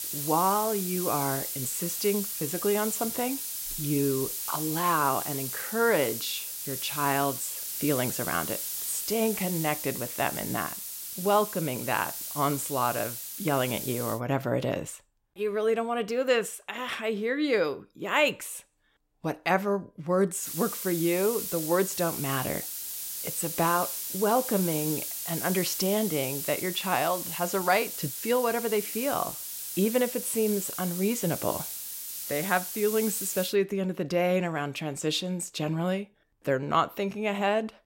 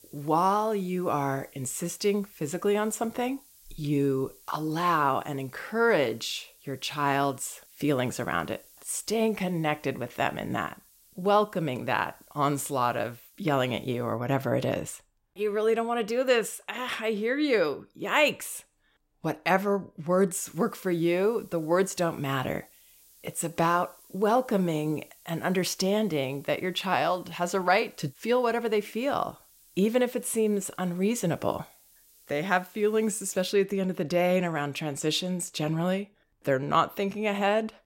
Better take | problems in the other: second | hiss; loud; until 14 s and from 20 to 34 s; 4 dB below the speech; faint in the second

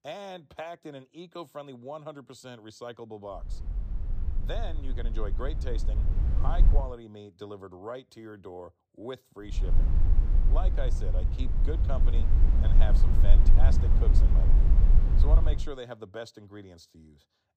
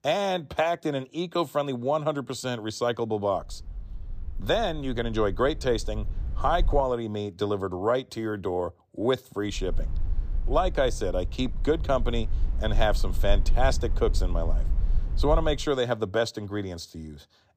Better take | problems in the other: second | low rumble; loud; from 3.5 to 7 s and from 9.5 to 16 s; 4 dB below the speech; faint in the second

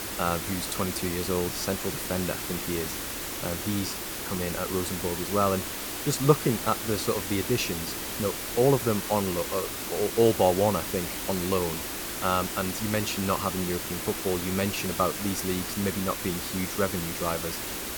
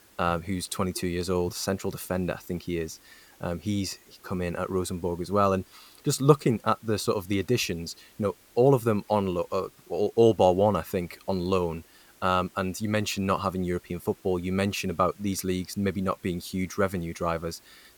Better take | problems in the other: second | hiss; loud; throughout; 3 dB below the speech; faint in the second

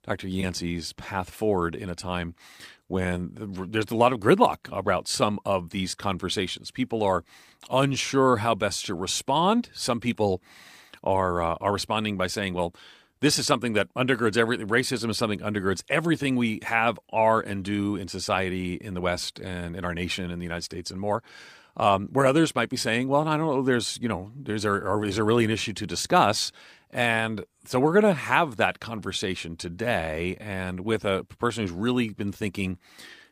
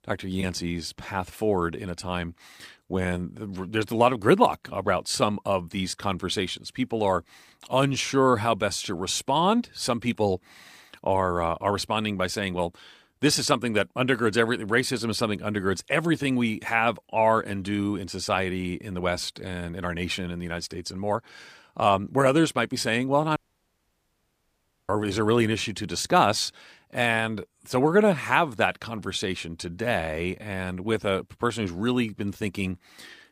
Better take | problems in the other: first | audio cutting out; at 23 s for 1.5 s

